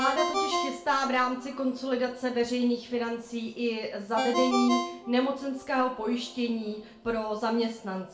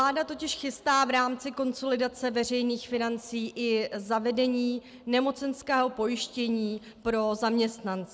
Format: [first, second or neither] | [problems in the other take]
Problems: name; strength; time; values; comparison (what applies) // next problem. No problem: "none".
second | background sound (Ringtone); 7 dB below the speech // room echo; dies away in 0.4 s